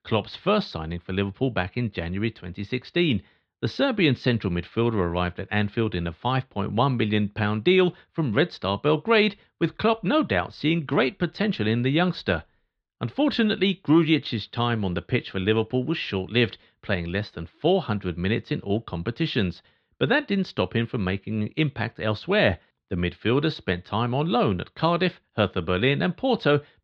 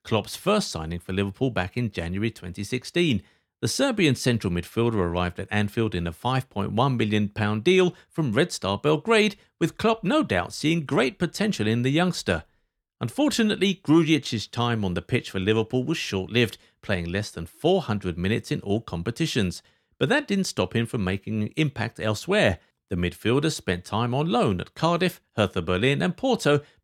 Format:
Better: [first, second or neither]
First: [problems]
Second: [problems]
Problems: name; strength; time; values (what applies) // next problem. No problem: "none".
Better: second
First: muffled; very slightly; fading above 4 kHz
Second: none